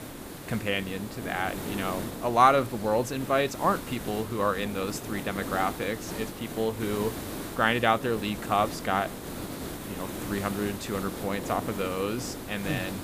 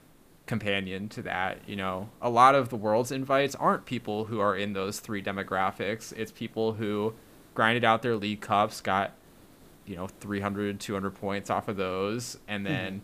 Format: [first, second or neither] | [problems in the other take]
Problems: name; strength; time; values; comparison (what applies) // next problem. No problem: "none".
second | hiss; loud; throughout; 8 dB below the speech; faint in the second